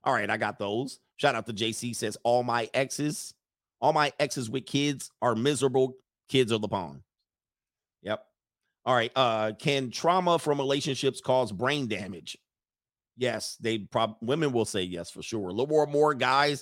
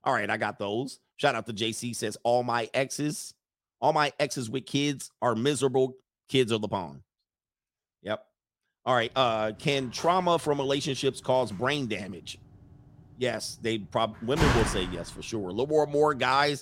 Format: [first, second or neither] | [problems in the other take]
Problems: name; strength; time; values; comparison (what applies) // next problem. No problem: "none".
first | door banging; loud; at 14 s; peak 2 dB above the speech